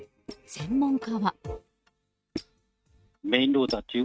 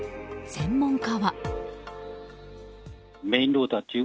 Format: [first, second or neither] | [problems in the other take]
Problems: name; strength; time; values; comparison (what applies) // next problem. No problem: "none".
second | noise reduction (neural mask model RNNoise)